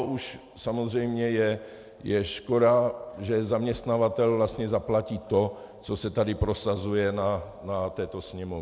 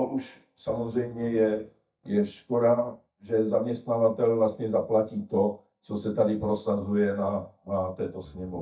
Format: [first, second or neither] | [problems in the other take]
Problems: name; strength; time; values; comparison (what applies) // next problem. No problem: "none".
first | noise reduction (neural mask model DeepFilterNet 3)